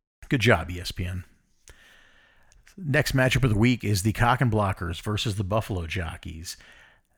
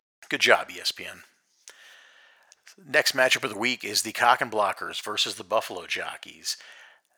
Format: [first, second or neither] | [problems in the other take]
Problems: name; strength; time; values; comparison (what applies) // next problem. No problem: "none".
first | thin; very; fading below 600 Hz